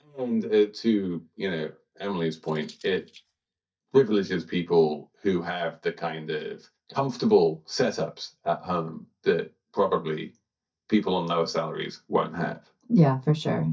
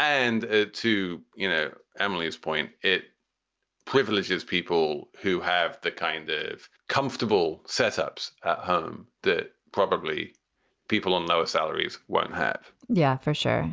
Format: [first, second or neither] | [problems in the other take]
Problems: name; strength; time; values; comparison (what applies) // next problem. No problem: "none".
second | noise reduction (neural mask model DeepFilterNet 3)